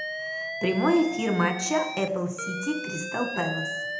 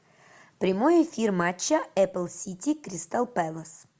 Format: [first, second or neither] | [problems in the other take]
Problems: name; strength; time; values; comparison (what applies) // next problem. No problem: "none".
second | background sound (Alarm); 7 dB below the speech // room echo; dies away in 0.8 s